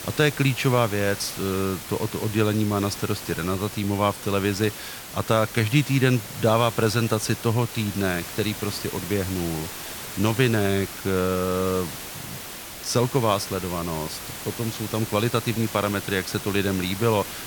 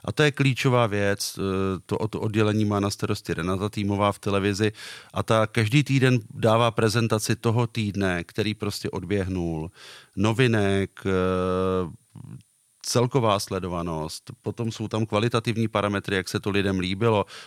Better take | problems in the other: second | hiss; loud; throughout; 10 dB below the speech

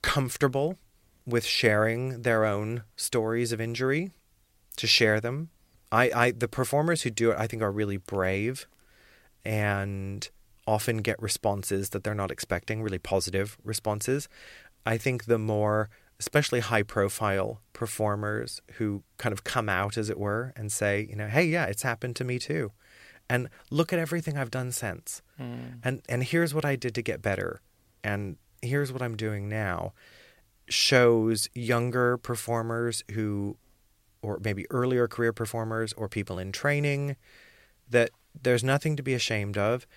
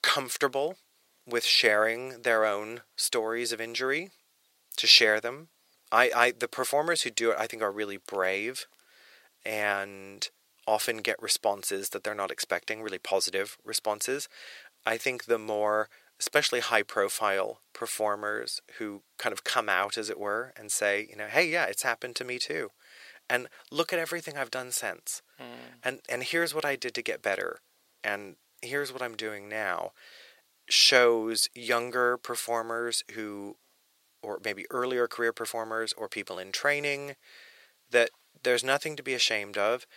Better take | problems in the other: first | thin; very; fading below 500 Hz

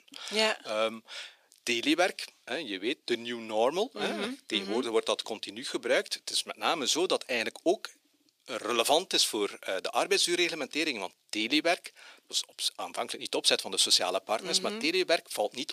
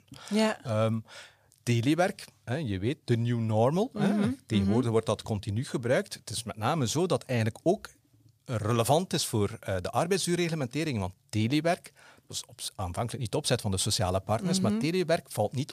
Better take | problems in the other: second | thin; somewhat; fading below 300 Hz

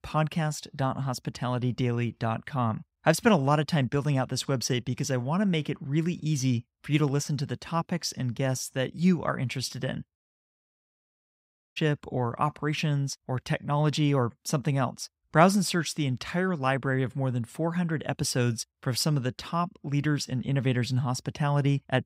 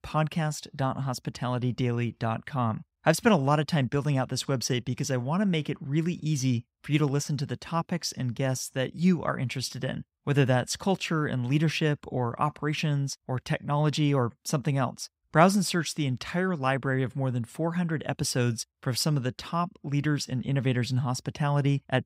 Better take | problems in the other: second | audio cutting out; at 10 s for 1.5 s

